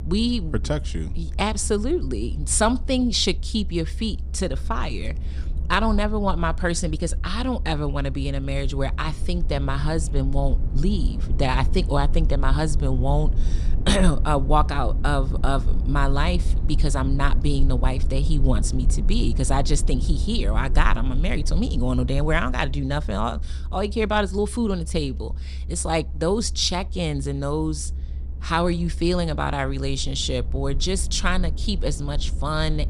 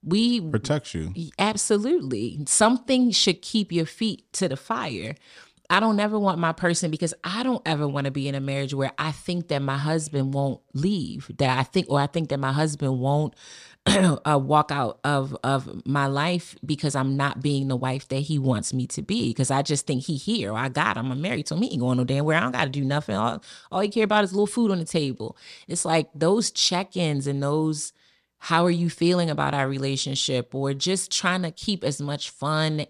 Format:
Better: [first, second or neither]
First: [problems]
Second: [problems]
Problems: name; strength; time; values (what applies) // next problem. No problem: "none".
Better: second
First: low rumble; noticeable; throughout; 20 dB below the speech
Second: none